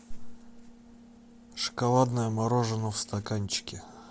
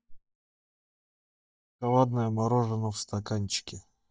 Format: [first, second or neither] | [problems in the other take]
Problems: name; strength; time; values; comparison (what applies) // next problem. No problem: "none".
first | noise reduction (neural mask model DeepFilterNet 3)